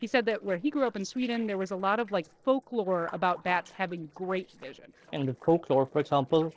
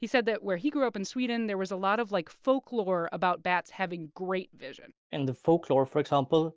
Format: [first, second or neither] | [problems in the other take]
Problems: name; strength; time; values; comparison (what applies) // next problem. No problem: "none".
second | noise reduction (neural separator model SepFormer DNS4)